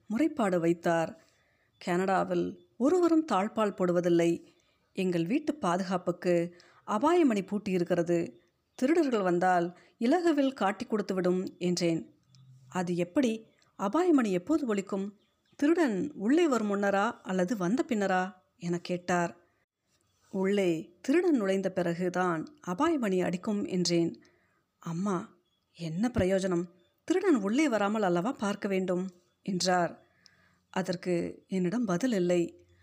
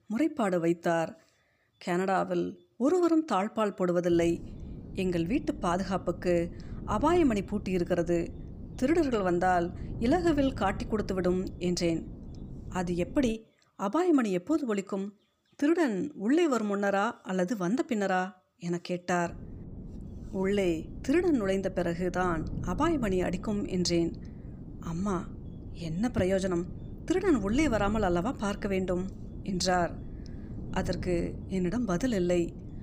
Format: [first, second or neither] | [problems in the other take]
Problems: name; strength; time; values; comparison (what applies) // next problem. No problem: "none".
first | wind noise on the microphone; occasional gusts; from 4 to 13 s and from 19 s on; 20 dB below the speech